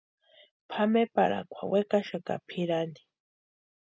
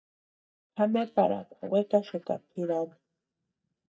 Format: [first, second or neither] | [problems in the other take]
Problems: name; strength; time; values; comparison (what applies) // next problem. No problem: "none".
first | noise reduction (neural mask model DeepFilterNet 3)